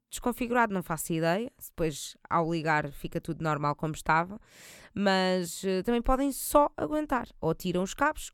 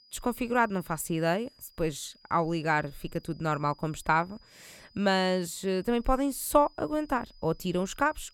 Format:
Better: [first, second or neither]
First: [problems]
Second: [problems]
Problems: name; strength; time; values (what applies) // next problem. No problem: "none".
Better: first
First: none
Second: high-pitched whine; faint; throughout; 5 kHz, 30 dB below the speech